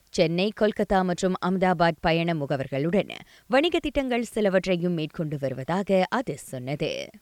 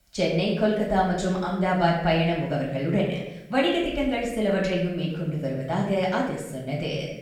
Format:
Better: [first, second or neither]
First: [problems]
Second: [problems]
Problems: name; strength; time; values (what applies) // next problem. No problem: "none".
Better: first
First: none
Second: off-mic speech; far // room echo; noticeable; dies away in 0.8 s